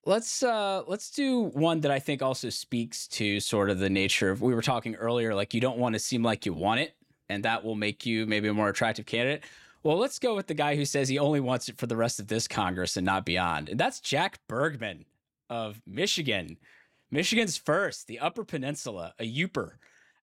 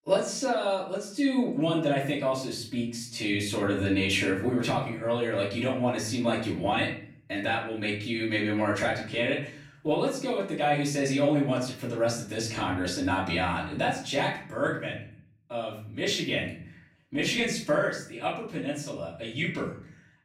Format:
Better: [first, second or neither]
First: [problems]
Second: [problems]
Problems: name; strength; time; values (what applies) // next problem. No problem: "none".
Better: first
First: none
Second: off-mic speech; far // room echo; slight; dies away in 0.5 s